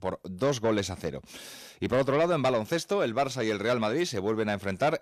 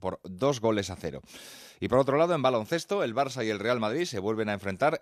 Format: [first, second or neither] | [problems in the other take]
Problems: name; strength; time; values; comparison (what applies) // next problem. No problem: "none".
second | distortion; slight; 10 dB below the speech